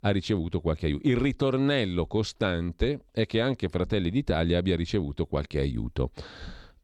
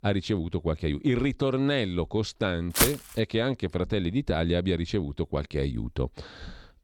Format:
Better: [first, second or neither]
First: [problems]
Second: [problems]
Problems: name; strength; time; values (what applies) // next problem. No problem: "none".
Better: first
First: none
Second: footsteps; loud; at 3 s; peak 4 dB above the speech